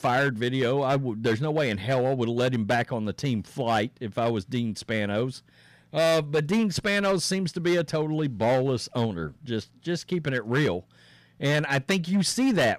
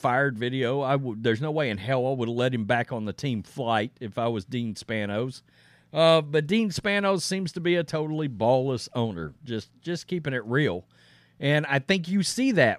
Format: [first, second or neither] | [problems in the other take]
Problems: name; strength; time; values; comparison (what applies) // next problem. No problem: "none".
second | distortion; slight; 7% of the sound clipped